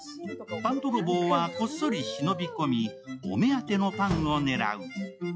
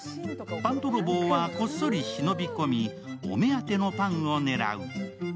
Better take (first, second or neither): second